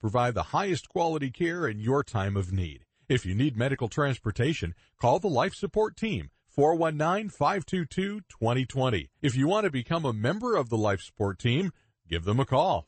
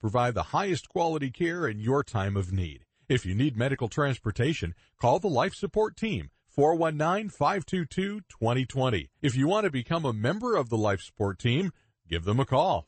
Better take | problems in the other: neither | garbled, watery; slightly; nothing above 8 kHz; the same in both

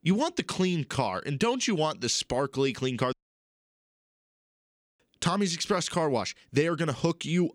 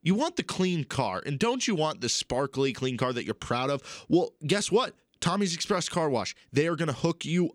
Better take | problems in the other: second | audio cutting out; at 3 s for 2 s

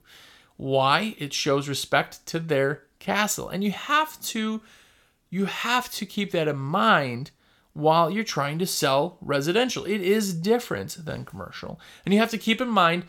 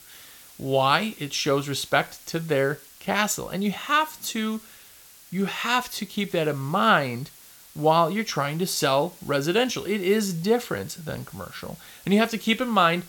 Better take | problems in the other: first | hiss; faint; throughout; 20 dB below the speech

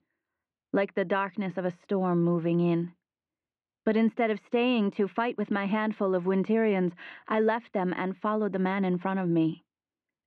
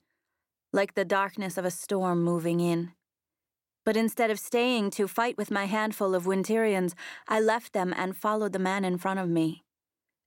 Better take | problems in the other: second | muffled; very; fading above 3 kHz

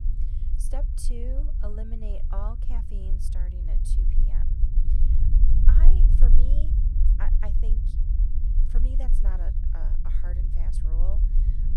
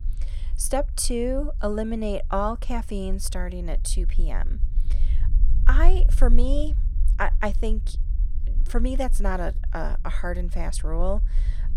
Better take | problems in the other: second | low rumble; loud; throughout; 2 dB below the speech; faint in the second

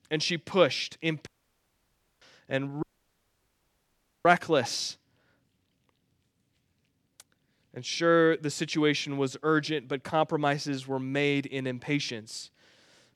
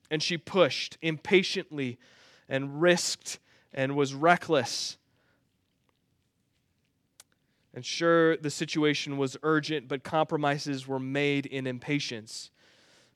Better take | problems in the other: second | audio cutting out; at 1.5 s for 1 s and at 3 s for 1.5 s

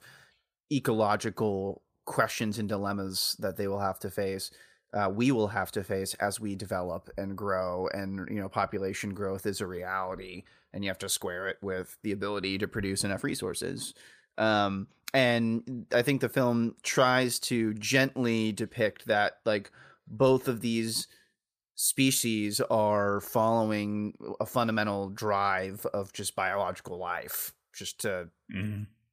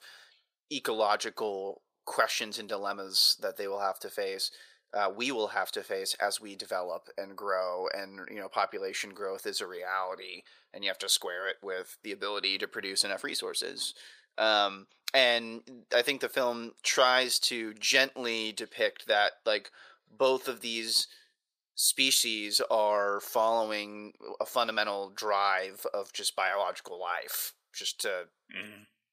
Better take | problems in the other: first | thin; somewhat; fading below 550 Hz

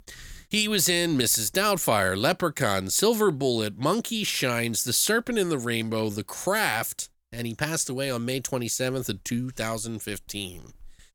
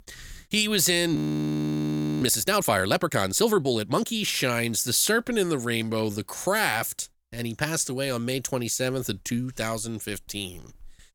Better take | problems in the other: first | audio freezing; at 1 s for 1 s

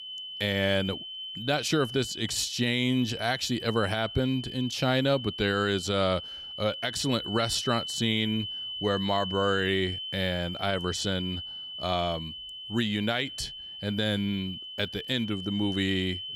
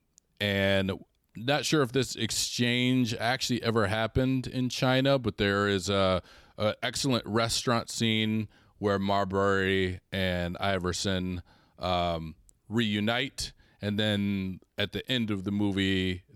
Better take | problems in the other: second | high-pitched whine; loud; throughout; 3 kHz, 7 dB below the speech

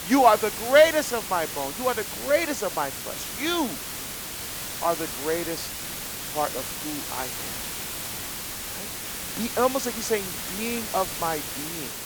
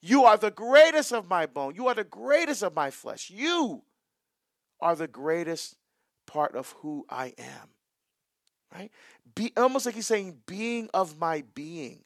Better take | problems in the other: second | hiss; loud; throughout; 6 dB below the speech

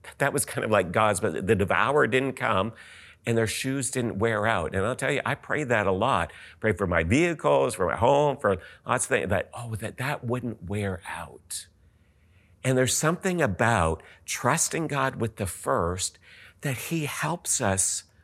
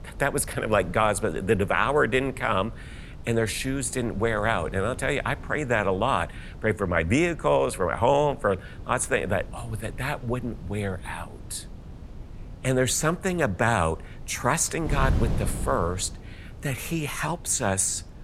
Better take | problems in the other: first | wind noise on the microphone; occasional gusts; 20 dB below the speech

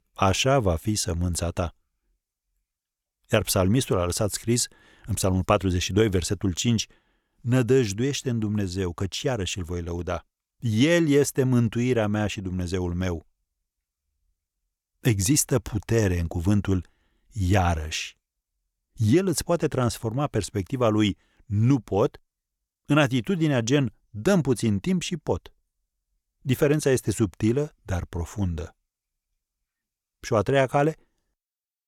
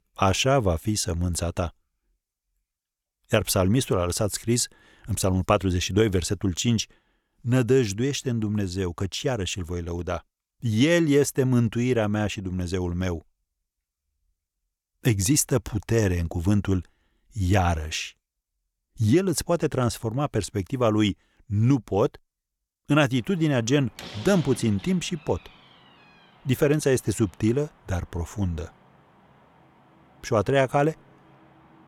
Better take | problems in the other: first | door banging; faint; from 23 s on; peak 15 dB below the speech

